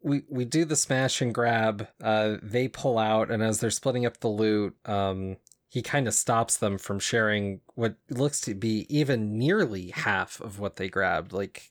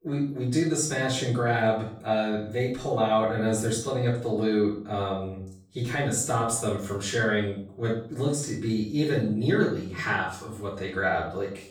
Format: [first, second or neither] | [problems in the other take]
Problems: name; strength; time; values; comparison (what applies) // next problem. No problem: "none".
first | off-mic speech; far // room echo; noticeable; dies away in 0.5 s